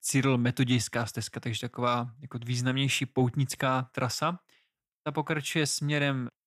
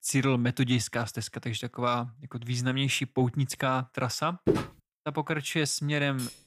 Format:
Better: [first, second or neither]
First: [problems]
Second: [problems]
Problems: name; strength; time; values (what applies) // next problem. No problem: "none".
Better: first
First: none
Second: footsteps; loud; at 4.5 s; peak level with the speech // clattering dishes; very faint; at 6 s; peak 10 dB below the speech